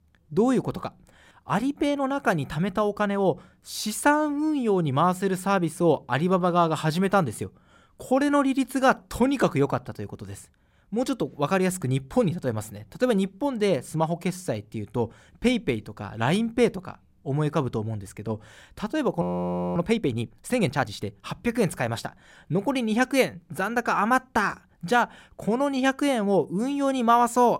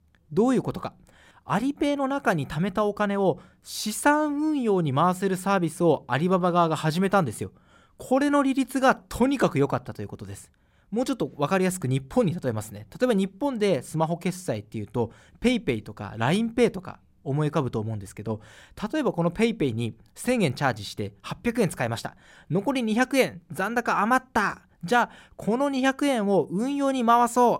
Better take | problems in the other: second | audio freezing; at 19 s for 0.5 s

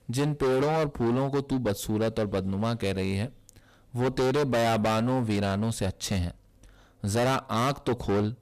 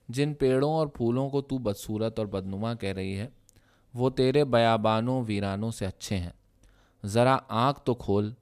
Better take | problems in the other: second | distortion; heavy; 19% of the sound clipped

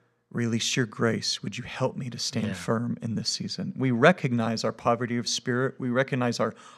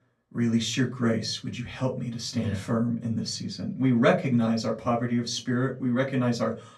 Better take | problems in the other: first | off-mic speech; far // room echo; very slight; dies away in 0.2 s

